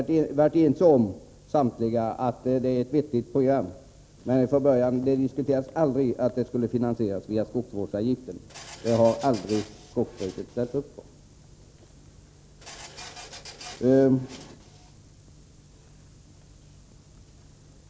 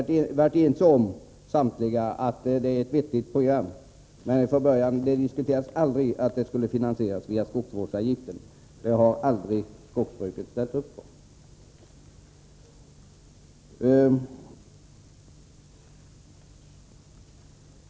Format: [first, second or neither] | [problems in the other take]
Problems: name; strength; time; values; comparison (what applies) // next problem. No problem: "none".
second | background sound (Printer); 19 dB below the speech